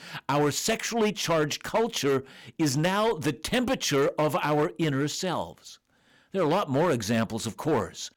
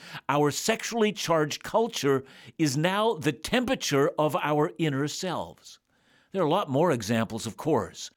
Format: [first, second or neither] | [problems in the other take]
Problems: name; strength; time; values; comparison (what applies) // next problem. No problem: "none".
second | distortion; slight; 8% of the sound clipped